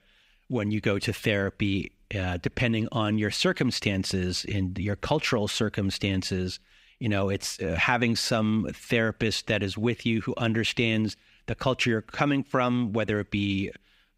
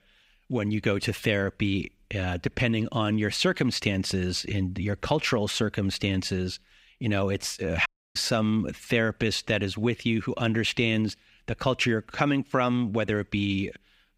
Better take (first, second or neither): first